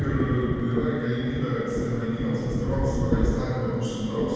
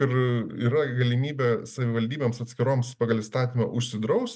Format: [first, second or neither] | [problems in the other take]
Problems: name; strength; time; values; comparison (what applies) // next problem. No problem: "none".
second | background sound (Thunder); 3 dB below the speech // room echo; dies away in 2.1 s